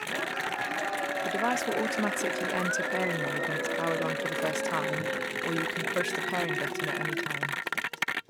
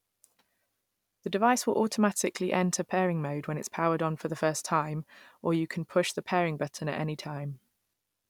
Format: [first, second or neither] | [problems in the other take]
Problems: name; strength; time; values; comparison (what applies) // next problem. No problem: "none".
second | background sound (Applause / Cheering); 4 dB above the speech